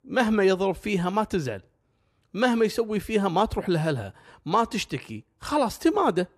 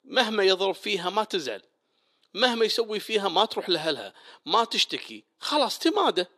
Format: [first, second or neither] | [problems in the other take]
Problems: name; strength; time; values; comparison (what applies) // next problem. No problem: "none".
first | thin; somewhat; fading below 300 Hz